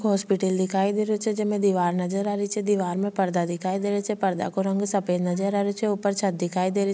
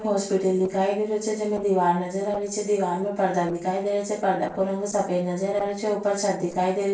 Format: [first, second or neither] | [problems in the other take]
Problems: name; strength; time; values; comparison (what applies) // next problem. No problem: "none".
first | noise reduction (neural separator model SepFormer DNS4)